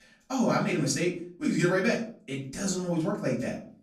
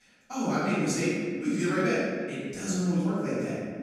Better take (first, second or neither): first